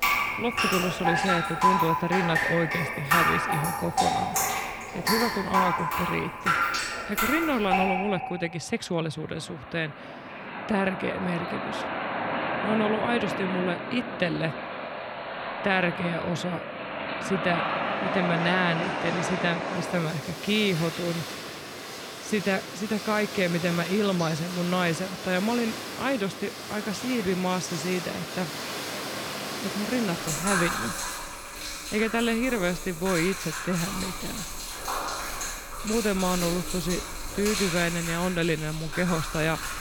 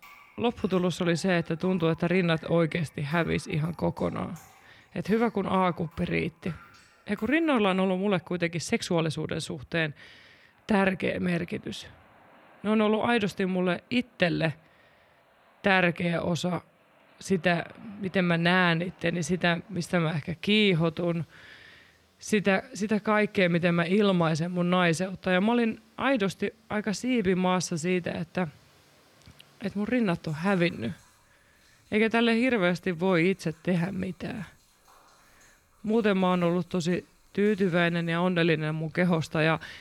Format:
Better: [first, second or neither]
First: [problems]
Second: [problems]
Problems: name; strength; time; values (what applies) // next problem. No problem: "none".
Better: second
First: rain or running water; loud; throughout; 1 dB below the speech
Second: rain or running water; faint; throughout; 30 dB below the speech